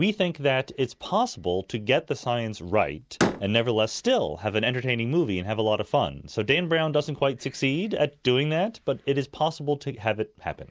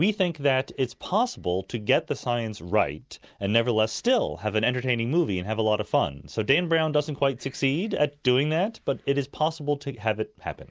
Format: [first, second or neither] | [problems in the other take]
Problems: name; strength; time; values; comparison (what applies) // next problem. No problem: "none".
second | background sound (Slam); 9 dB below the speech